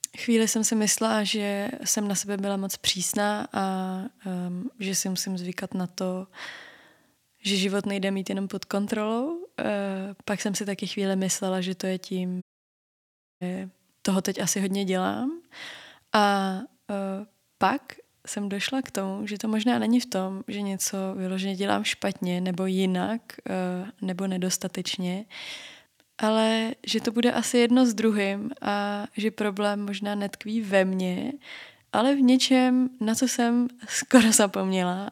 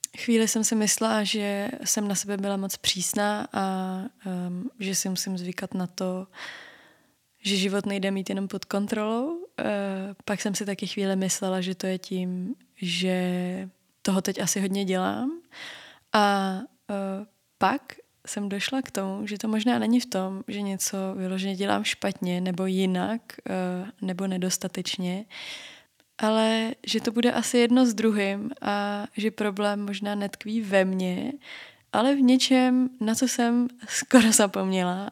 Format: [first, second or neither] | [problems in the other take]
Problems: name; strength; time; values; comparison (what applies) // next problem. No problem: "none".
second | audio cutting out; at 12 s for 1 s